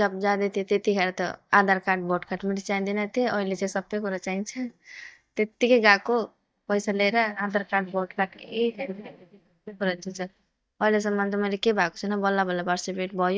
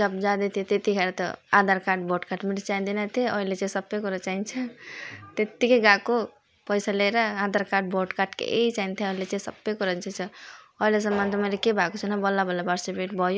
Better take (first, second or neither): second